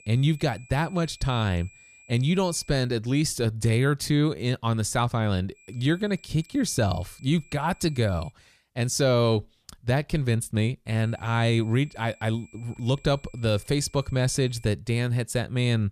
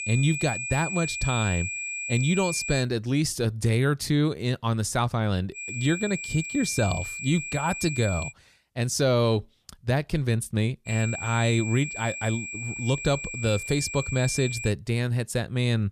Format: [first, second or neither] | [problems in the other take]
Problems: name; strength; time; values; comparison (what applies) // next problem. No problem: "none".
first | high-pitched whine; loud; until 3 s, from 5.5 to 8.5 s and from 11 to 15 s; 2.5 kHz, 6 dB below the speech; faint in the first